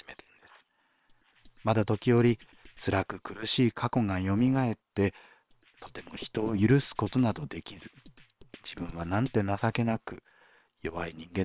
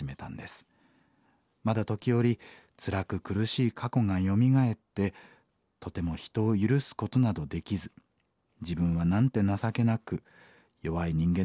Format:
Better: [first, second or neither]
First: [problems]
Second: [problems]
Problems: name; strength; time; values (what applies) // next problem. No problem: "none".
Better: second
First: noise reduction (neural separator model SepFormer WHAM!)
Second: none